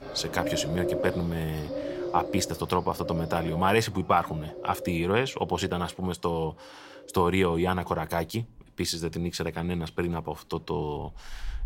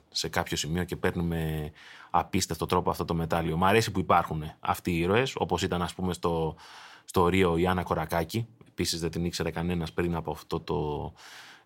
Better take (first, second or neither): second